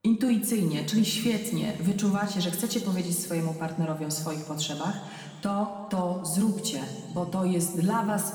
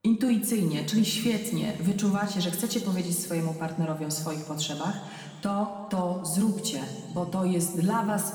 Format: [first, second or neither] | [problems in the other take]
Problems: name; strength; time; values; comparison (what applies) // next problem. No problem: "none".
neither | room echo; slight; dies away in 2 s; the same in both // off-mic speech; somewhat distant; the same in both